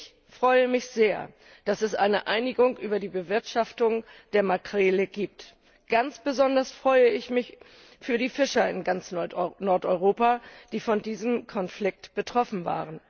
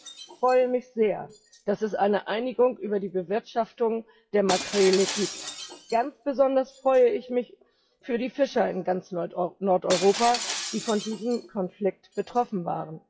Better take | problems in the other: first | noise reduction (classical method WPE with log-MMSE)

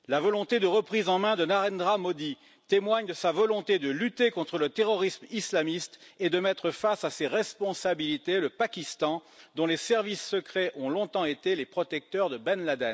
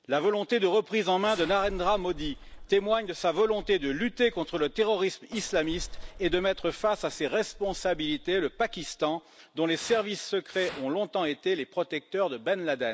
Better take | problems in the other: first | background sound (Bus / Engine + Fire); 15 dB below the speech

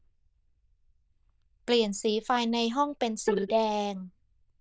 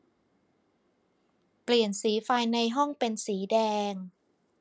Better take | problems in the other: second | noise reduction (neural diffusion model UNIVERSE++)

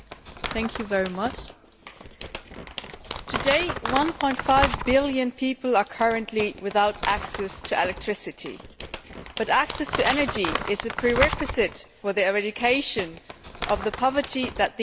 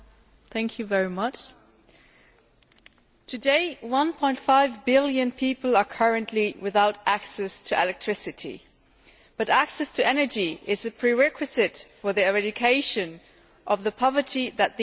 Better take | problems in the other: second | background sound (Crumpling, crinkling); 8 dB below the speech

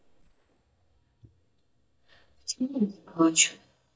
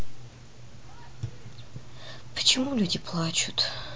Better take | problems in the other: second | noise reduction (neural mask model DeepFilterNet 3)

